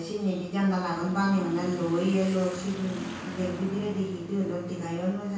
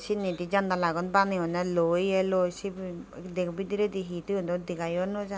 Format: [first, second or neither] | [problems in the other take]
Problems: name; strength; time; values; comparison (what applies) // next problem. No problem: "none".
second | background sound (Motorcycle / Accelerating, revving, vroom); 12 dB below the speech // room echo; dies away in 0.6 s